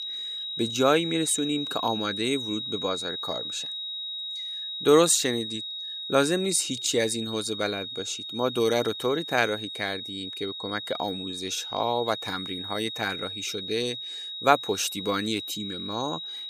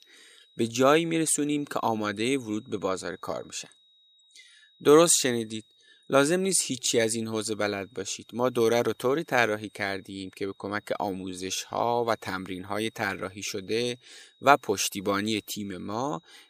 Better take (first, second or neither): second